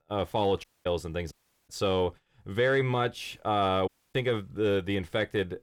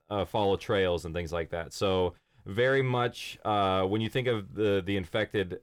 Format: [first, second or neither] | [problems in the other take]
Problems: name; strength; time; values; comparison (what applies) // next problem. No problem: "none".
second | audio cutting out; at 0.5 s, at 1.5 s and at 4 s